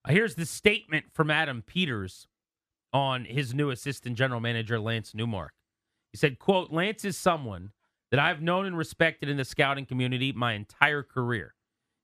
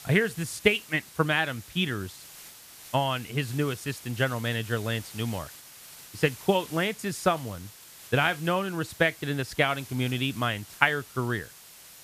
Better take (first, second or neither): first